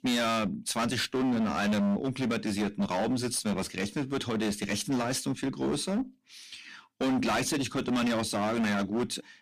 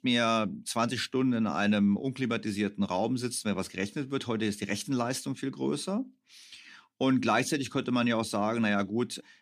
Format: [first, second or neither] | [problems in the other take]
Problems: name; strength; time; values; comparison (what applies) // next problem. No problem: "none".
second | distortion; heavy; 19% of the sound clipped